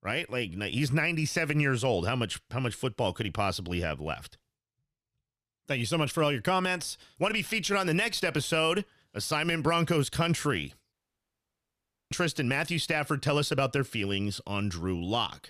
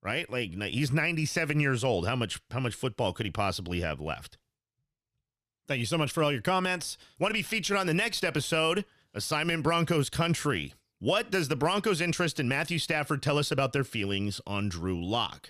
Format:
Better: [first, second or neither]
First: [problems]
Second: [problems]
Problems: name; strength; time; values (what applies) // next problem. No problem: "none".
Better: second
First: audio cutting out; at 11 s for 1 s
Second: none